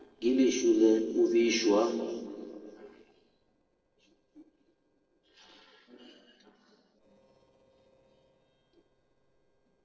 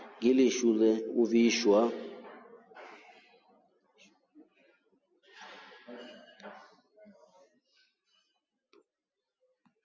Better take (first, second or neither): second